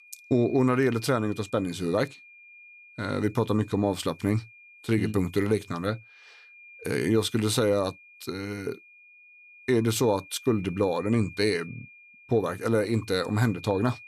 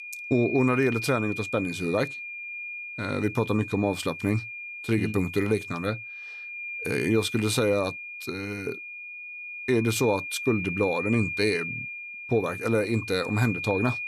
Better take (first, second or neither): first